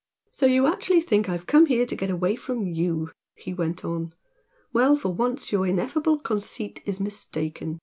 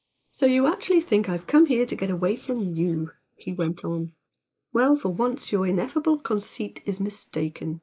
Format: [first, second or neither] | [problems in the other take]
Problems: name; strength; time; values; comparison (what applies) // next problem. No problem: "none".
first | noise reduction (neural mask model Resemble Enhance denoiser)